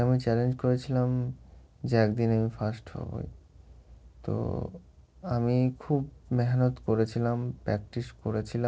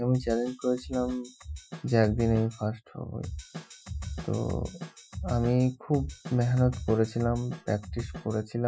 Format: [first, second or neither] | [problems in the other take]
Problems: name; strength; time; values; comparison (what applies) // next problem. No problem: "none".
first | noise reduction (classical method Wiener filter)